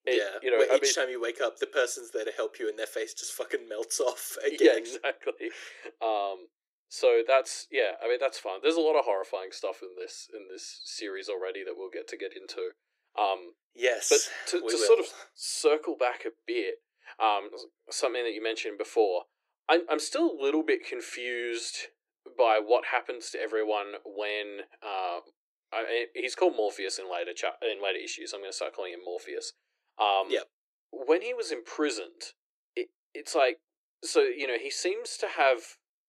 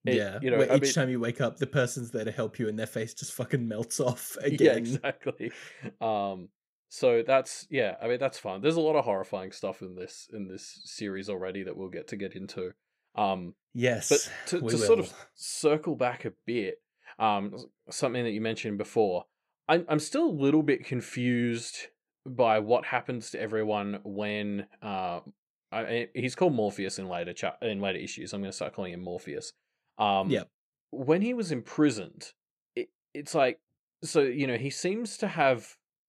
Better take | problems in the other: second | thin; very; fading below 350 Hz

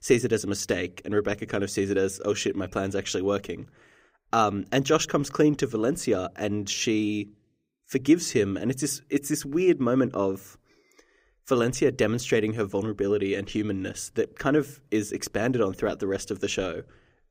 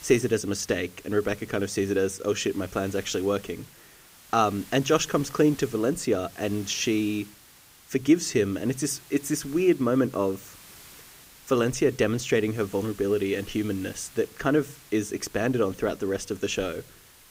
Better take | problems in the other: first | hiss; faint; throughout; 20 dB below the speech

